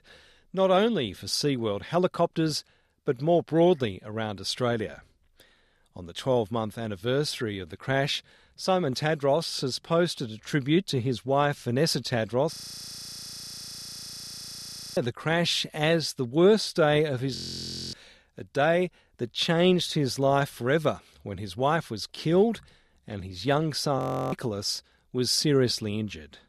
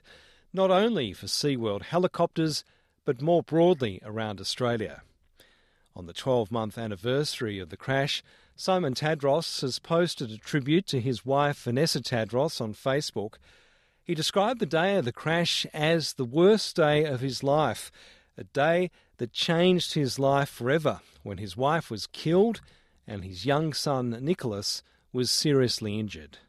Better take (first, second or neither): second